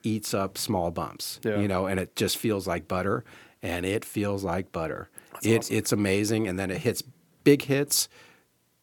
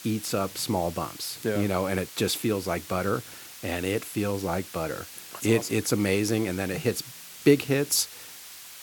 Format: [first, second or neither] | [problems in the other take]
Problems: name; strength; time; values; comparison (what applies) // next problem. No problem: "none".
first | hiss; noticeable; throughout; 15 dB below the speech